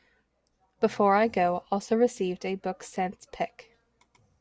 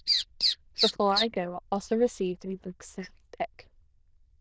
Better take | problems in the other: first | noise reduction (neural diffusion model UNIVERSE++)

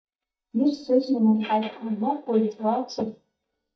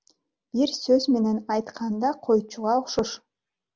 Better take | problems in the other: second | noise reduction (neural mask model DeepFilterNet 3)

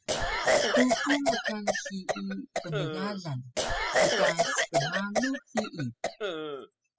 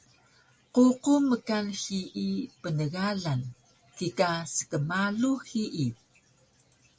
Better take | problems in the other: second | noise reduction (classical method spectral subtraction)

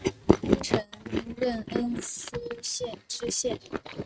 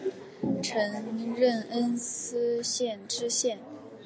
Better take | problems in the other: second | noise reduction (neural mask model RNNoise)

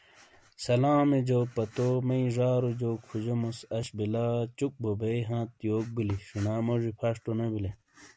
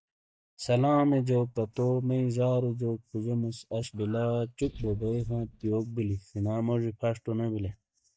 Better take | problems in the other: first | noise reduction (neural mask model DeepFilterNet 3)

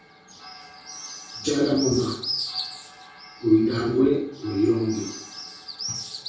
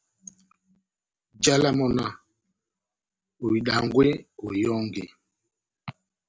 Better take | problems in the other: second | background sound (Bird); 10 dB below the speech // room echo; dies away in 0.6 s

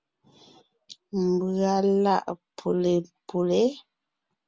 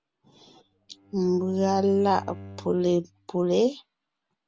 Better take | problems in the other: first | background sound (Bowed string instrument); 18 dB below the speech

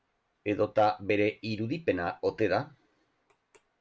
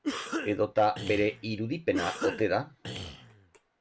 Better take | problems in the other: first | background sound (Cough); 8 dB below the speech

